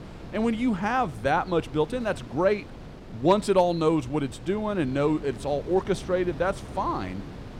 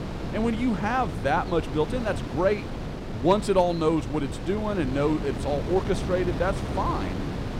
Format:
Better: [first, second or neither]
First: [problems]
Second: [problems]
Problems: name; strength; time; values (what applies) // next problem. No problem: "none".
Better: first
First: wind noise on the microphone; occasional gusts; 20 dB below the speech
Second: wind noise on the microphone; heavy; 10 dB below the speech